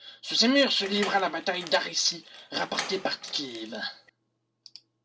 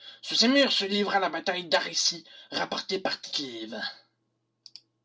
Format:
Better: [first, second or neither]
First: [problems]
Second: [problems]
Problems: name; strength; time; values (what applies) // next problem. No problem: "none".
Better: second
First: background sound (Door); 13 dB below the speech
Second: none